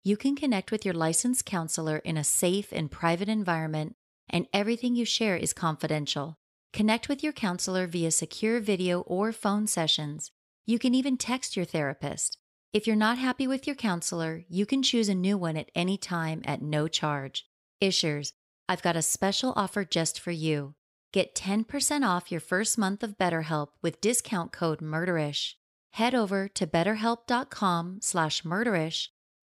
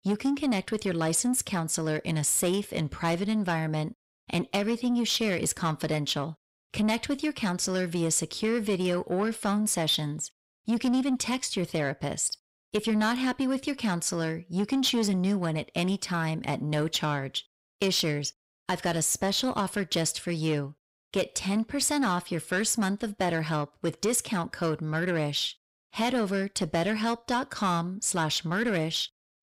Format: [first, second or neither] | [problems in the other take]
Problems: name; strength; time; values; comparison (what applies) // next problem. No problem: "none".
first | distortion; slight; 10 dB below the speech